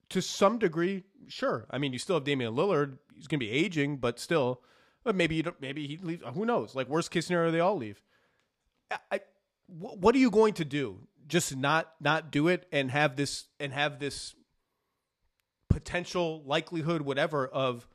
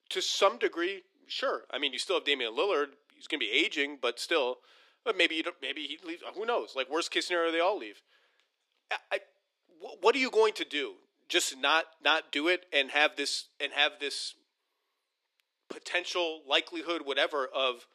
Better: first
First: none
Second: thin; somewhat; fading below 300 Hz

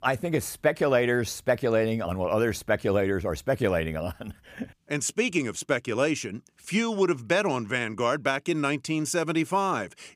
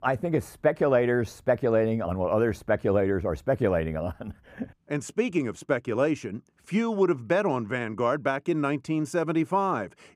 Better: first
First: none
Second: muffled; slightly; fading above 2 kHz

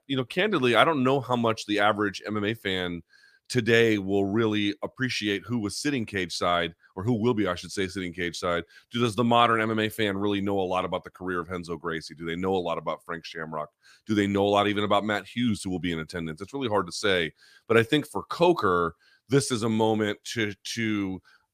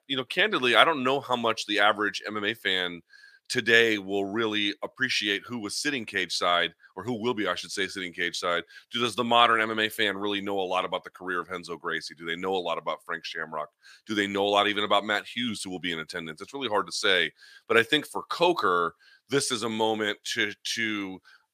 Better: first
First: none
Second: thin; very slightly; fading below 1 kHz

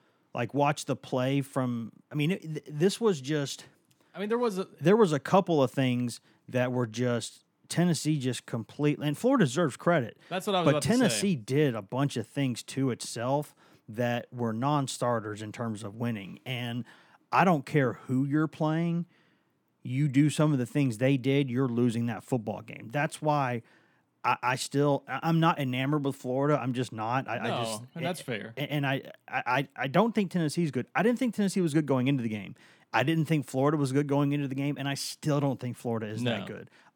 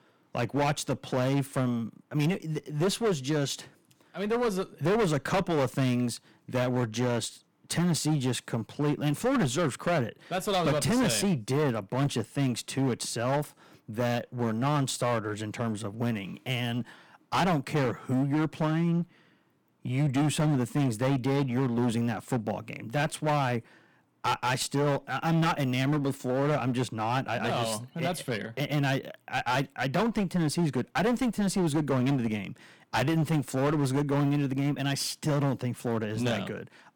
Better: first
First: none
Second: distortion; heavy; 17% of the sound clipped

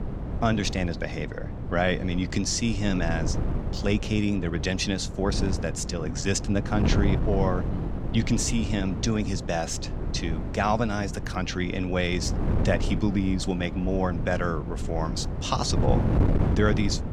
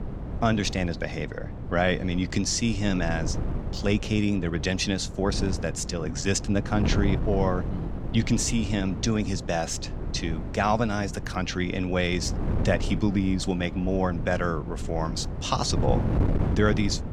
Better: second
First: wind noise on the microphone; heavy; 8 dB below the speech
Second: wind noise on the microphone; occasional gusts; 10 dB below the speech

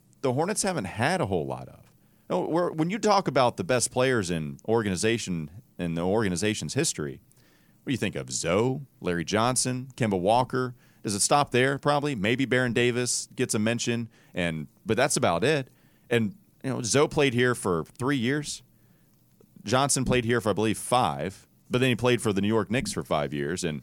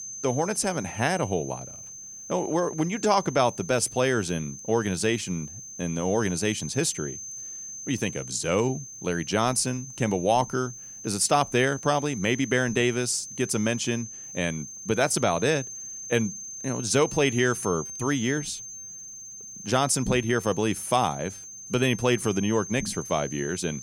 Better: first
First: none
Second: high-pitched whine; noticeable; throughout; 6.5 kHz, 10 dB below the speech

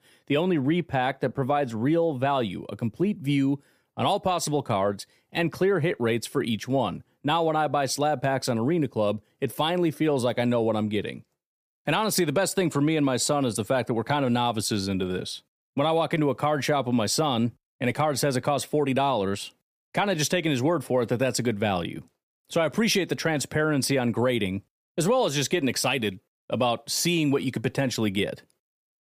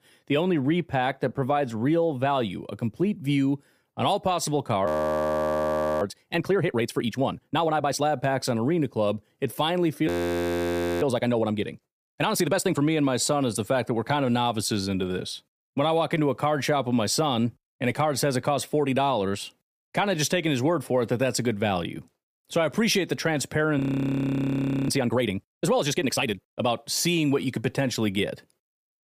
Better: first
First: none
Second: audio freezing; at 5 s for 1 s, at 10 s for 1 s and at 24 s for 1 s

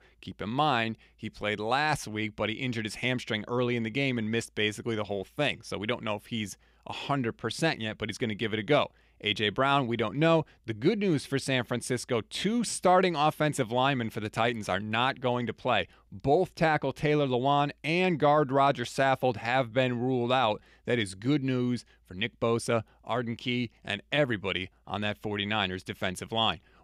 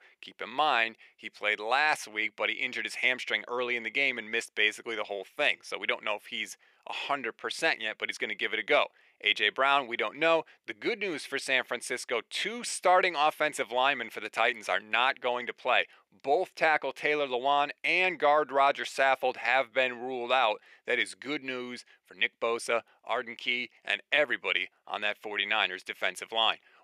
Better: first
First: none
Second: thin; very; fading below 550 Hz

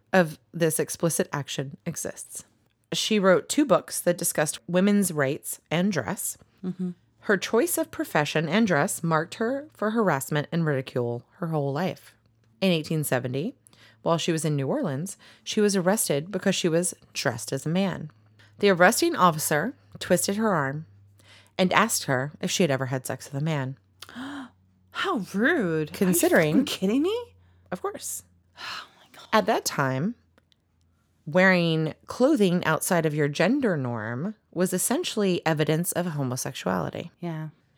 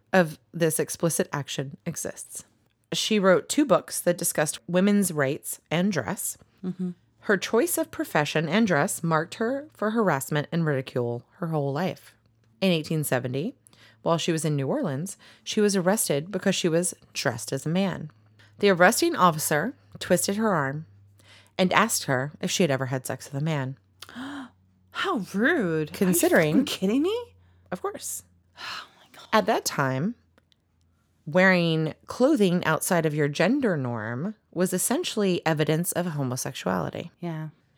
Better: neither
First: none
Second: none

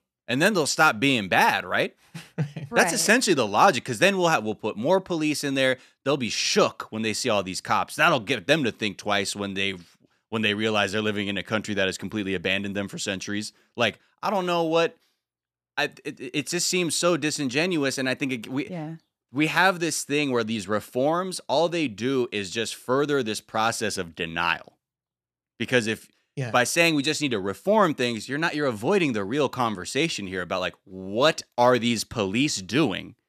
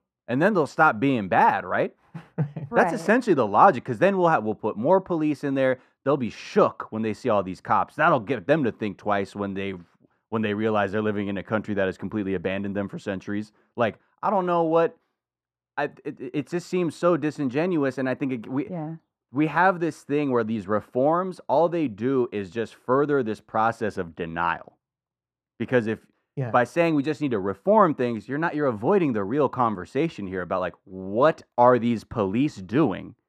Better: first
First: none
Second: muffled; very; fading above 2.5 kHz

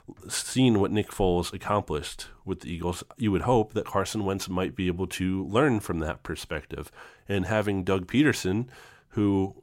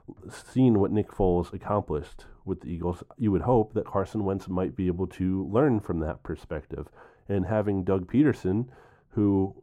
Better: first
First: none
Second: muffled; very; fading above 1.5 kHz

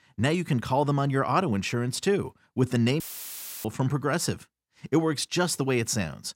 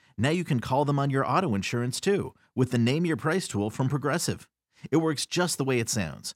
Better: second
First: audio cutting out; filled with static; at 3 s for 0.5 s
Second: none

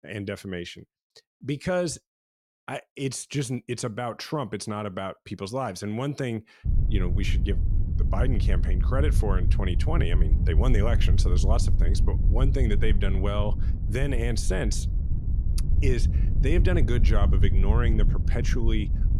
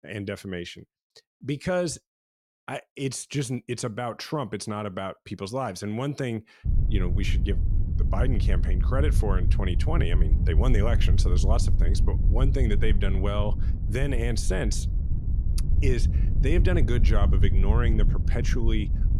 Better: neither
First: wind noise on the microphone; heavy; from 6.5 s on; 9 dB below the speech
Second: wind noise on the microphone; heavy; from 6.5 s on; 9 dB below the speech

